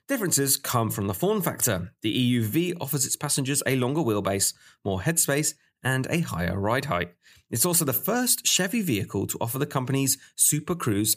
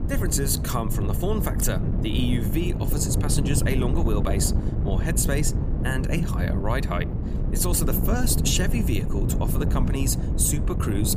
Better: first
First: none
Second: wind noise on the microphone; heavy; 6 dB below the speech

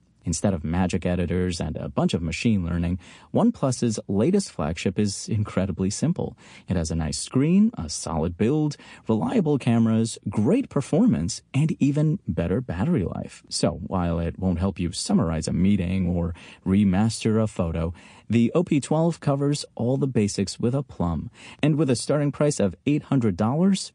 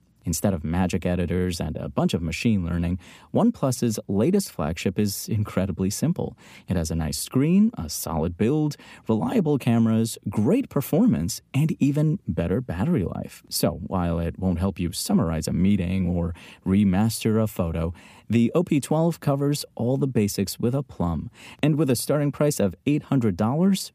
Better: second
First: garbled, watery; slightly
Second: none

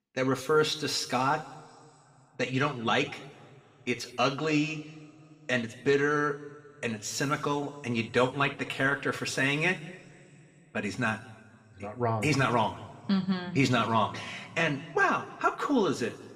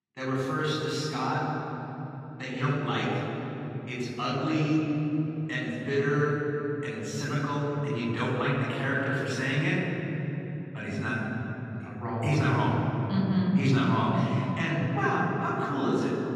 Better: first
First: room echo; slight; dies away in 1.8 s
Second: room echo; strong; dies away in 3 s // off-mic speech; far

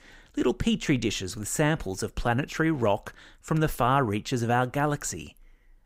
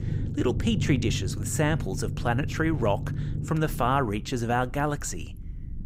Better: first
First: none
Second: low rumble; noticeable; throughout; 15 dB below the speech

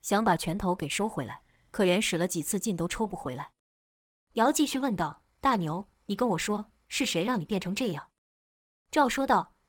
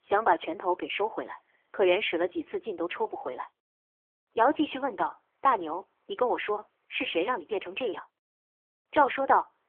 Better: first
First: none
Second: phone-call audio; nothing above 3.5 kHz

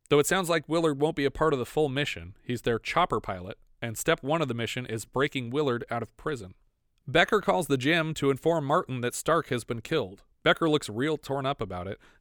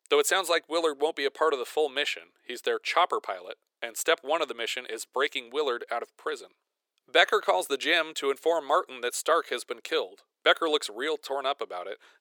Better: first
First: none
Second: thin; very; fading below 400 Hz

